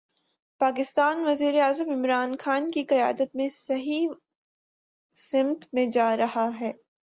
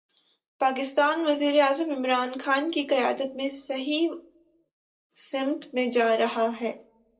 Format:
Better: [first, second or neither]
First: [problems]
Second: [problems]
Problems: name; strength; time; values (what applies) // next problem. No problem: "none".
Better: first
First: none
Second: room echo; dies away in 0.2 s